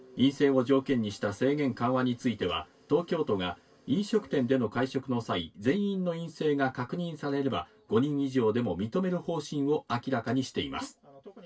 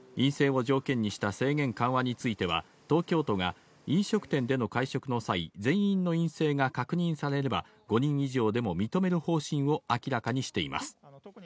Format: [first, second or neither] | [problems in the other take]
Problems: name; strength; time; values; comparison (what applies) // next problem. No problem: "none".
second | room echo; dies away in 0.1 s